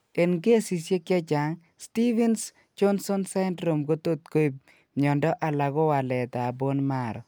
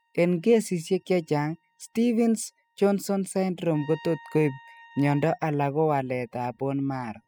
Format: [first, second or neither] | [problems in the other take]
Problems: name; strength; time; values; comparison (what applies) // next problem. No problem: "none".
first | noise reduction (classical method spectral subtraction)